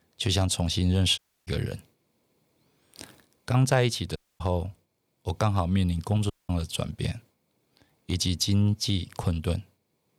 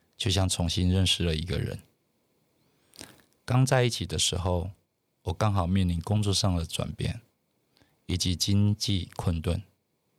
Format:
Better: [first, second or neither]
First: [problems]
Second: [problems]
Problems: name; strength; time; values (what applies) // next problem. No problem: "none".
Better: second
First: audio cutting out; at 1 s, at 4 s and at 6.5 s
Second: none